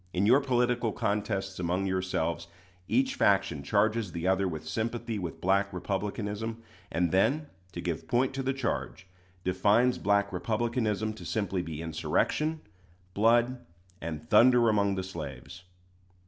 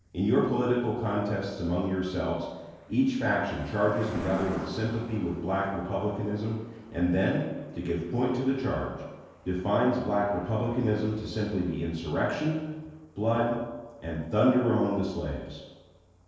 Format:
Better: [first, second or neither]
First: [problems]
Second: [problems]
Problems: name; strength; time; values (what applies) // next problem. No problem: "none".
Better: first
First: none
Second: noise reduction (neural separator model SepFormer DNS4)